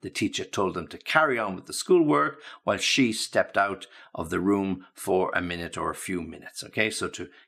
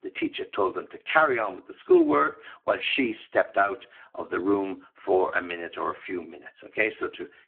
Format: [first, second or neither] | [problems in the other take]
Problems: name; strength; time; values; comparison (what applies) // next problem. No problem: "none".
first | phone-call audio; poor line